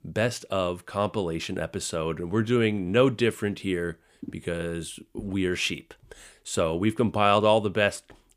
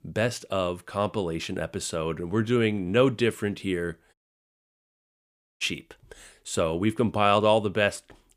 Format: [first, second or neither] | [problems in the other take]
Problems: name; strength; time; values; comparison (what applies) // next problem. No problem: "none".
first | audio cutting out; at 4 s for 1.5 s